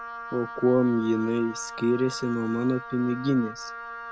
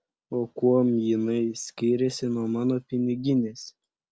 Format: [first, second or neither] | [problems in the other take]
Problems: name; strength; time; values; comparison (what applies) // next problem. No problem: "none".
second | background sound (Wind instrument, woodwind instrument); 12 dB below the speech